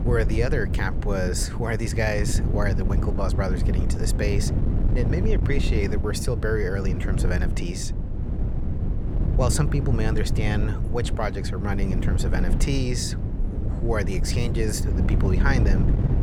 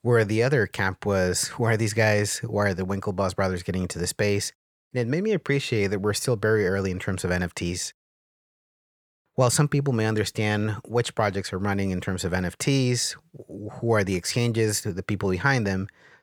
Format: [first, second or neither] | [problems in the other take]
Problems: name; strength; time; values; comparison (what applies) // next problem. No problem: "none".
second | wind noise on the microphone; heavy; 7 dB below the speech